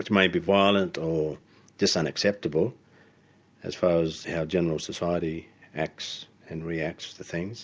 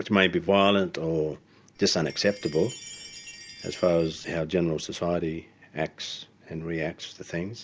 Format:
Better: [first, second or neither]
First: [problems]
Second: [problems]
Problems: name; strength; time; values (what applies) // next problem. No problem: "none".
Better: first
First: none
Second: background sound (Chime); 19 dB below the speech